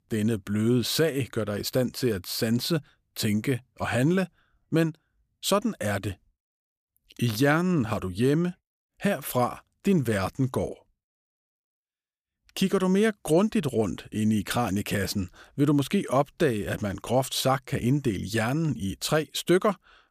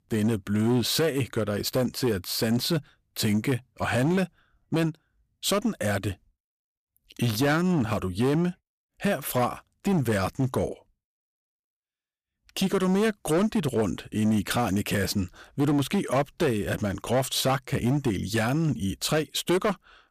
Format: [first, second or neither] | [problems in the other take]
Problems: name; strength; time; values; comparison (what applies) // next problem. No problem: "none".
first | distortion; slight; 9% of the sound clipped